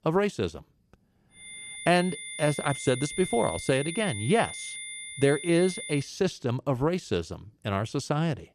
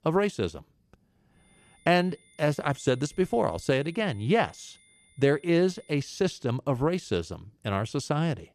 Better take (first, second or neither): second